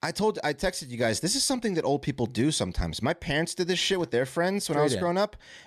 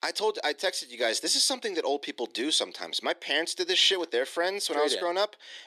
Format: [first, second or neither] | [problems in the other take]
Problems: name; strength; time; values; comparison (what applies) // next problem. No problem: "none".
first | thin; somewhat; fading below 300 Hz